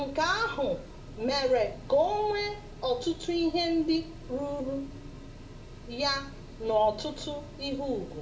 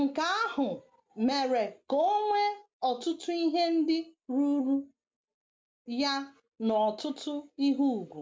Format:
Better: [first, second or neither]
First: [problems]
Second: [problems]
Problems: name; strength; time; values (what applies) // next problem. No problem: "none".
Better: second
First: background sound (Mechanical fan); 14 dB below the speech // room echo; dies away in 0.5 s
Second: none